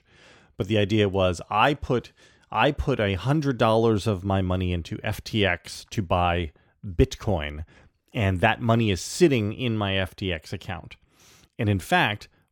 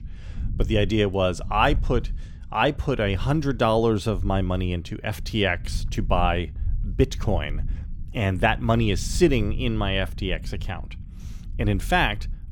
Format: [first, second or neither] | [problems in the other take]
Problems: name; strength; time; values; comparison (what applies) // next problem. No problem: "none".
first | low rumble; faint; throughout; 25 dB below the speech